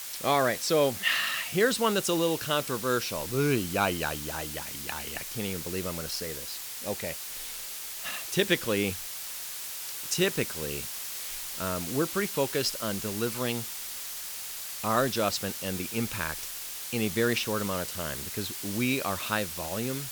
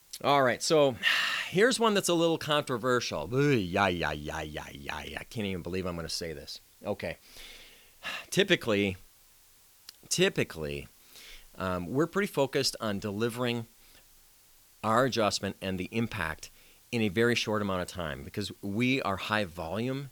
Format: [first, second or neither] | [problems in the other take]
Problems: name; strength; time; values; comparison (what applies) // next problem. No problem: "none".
second | hiss; loud; throughout; 5 dB below the speech; faint in the second